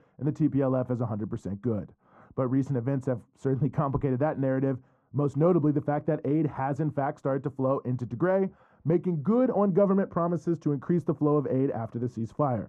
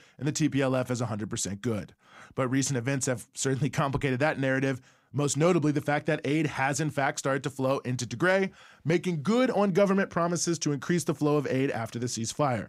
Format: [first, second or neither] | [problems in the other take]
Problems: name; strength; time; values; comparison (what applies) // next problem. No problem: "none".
second | muffled; very; fading above 1.5 kHz